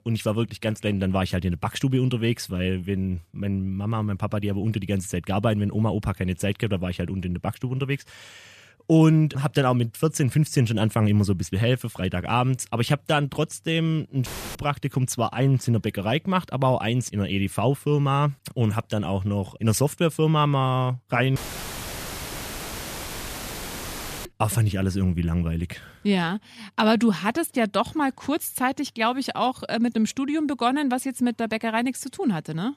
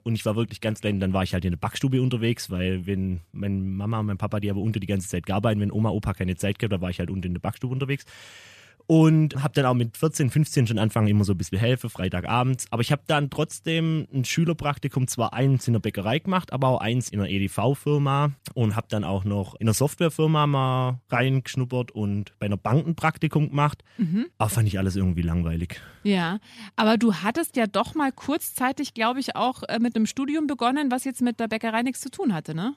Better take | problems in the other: second | audio cutting out; filled with static; at 14 s and at 21 s for 3 s

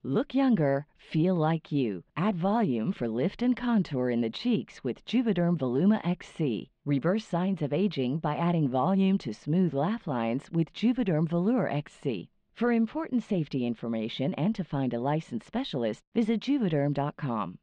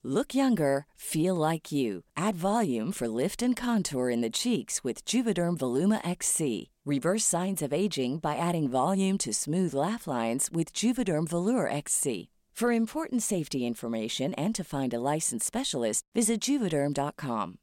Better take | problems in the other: second | muffled; very; fading above 3.5 kHz

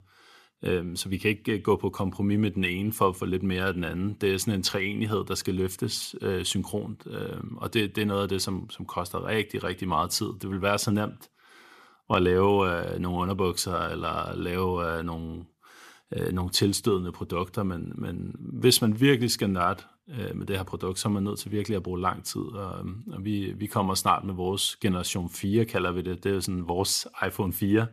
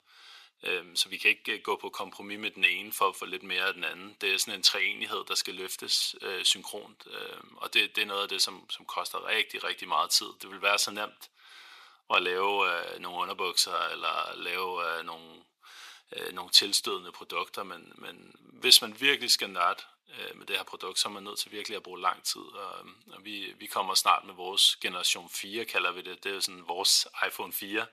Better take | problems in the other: first | thin; very; fading below 700 Hz

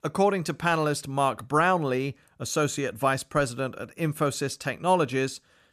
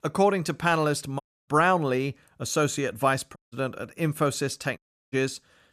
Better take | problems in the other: first | audio cutting out; at 1 s, at 3.5 s and at 5 s

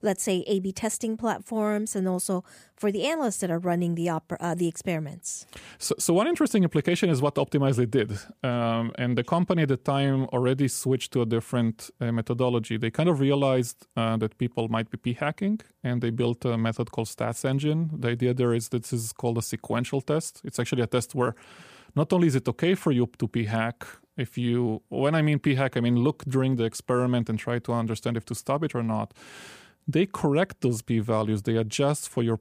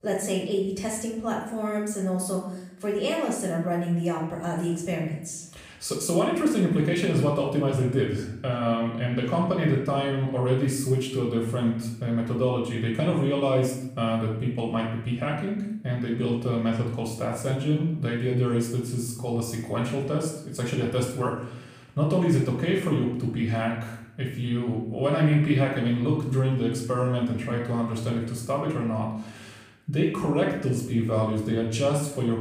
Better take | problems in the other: first | off-mic speech; far // room echo; noticeable; dies away in 0.7 s

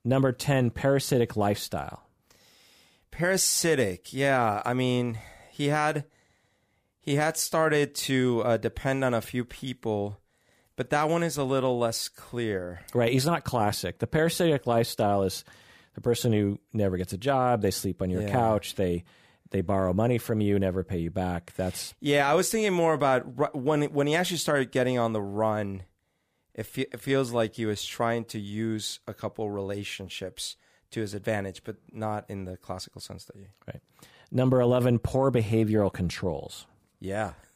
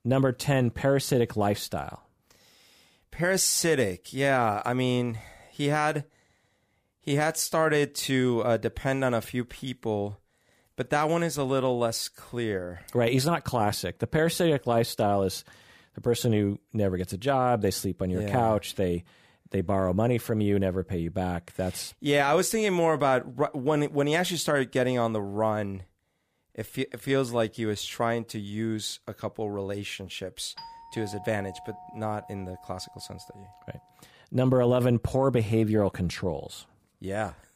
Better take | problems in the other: first | doorbell; faint; from 31 to 34 s; peak 15 dB below the speech

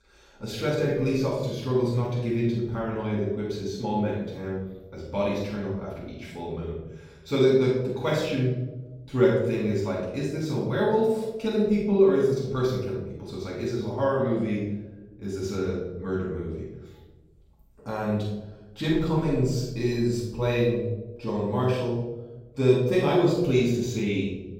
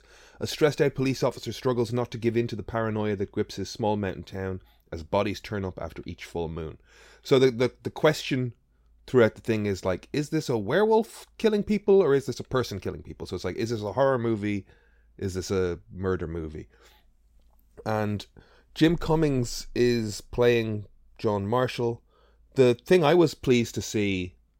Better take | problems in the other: second | off-mic speech; far // room echo; noticeable; dies away in 1 s

